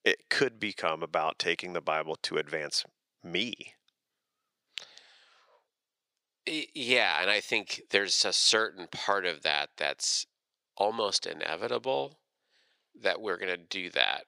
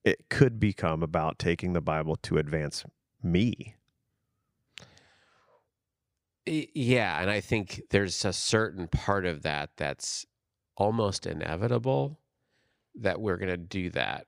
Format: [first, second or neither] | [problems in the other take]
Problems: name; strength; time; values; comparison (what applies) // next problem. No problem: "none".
second | thin; very; fading below 450 Hz